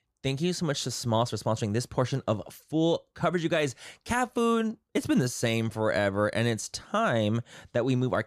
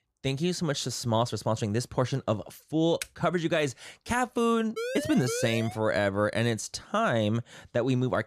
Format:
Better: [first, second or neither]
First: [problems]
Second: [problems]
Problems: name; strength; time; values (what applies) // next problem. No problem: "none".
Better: first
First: none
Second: keyboard typing; very faint; at 3 s; peak 10 dB below the speech // siren; noticeable; from 5 to 6 s; peak 5 dB below the speech